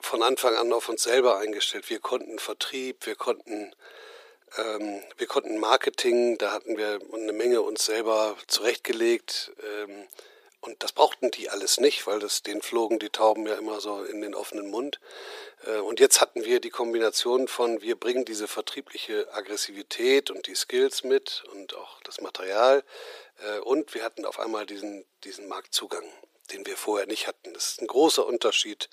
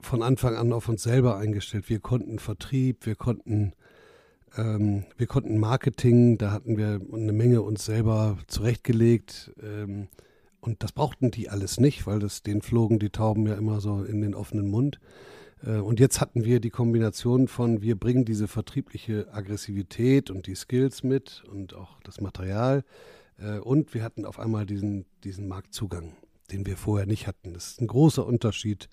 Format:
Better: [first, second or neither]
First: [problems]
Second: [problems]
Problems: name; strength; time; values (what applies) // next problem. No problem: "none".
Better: second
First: thin; very; fading below 400 Hz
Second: none